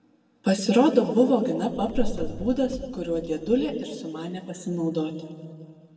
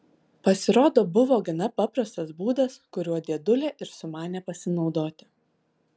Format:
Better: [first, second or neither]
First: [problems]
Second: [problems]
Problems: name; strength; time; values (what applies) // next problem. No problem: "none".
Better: second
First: background sound (Car); 6 dB below the speech // room echo; dies away in 1.7 s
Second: none